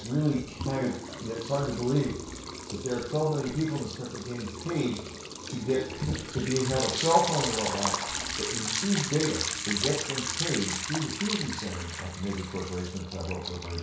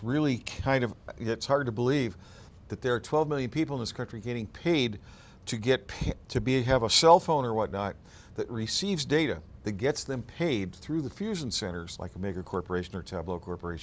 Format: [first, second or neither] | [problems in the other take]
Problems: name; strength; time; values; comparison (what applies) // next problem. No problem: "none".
second | background sound (Liquid); 5 dB below the speech // room echo; dies away in 0.6 s